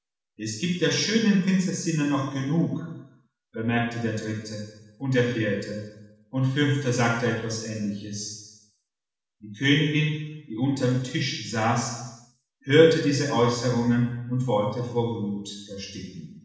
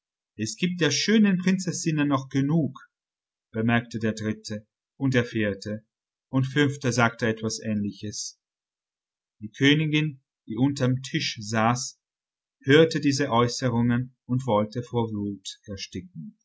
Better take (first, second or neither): second